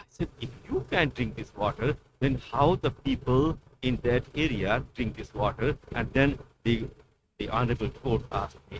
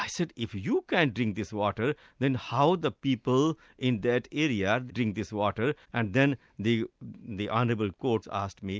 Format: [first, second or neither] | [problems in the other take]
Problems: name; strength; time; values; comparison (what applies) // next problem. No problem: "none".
second | noise reduction (neural mask model RNNoise)